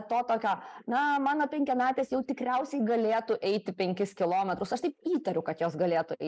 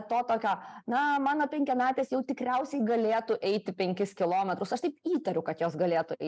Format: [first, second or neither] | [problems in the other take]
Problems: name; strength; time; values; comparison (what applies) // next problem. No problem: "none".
second | noise reduction (neural mask model Resemble Enhance denoiser)